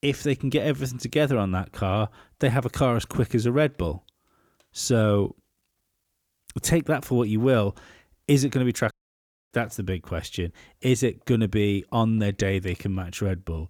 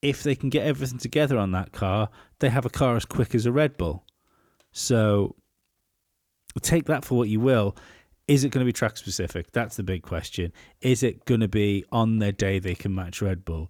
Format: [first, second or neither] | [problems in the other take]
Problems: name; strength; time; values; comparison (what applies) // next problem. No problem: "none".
second | audio cutting out; at 9 s for 0.5 s